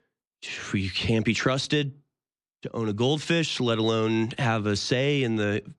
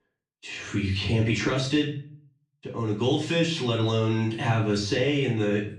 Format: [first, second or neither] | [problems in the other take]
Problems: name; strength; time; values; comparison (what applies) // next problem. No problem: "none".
first | off-mic speech; far // room echo; slight; dies away in 0.4 s